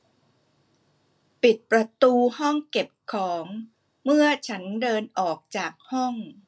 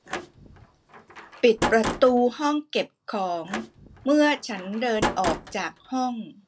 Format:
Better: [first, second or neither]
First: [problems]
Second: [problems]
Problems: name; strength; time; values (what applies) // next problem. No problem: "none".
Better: first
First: none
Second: background sound (Slam); 8 dB below the speech